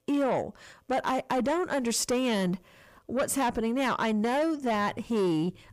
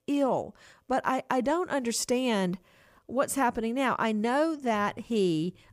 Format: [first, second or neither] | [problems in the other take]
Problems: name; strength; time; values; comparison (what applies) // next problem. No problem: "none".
second | distortion; slight; 10 dB below the speech